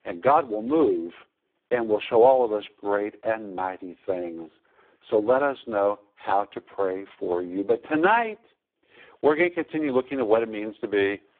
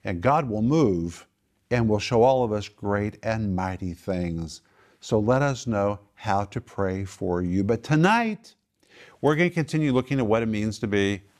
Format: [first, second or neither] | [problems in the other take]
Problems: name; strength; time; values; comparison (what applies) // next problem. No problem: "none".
second | phone-call audio; poor line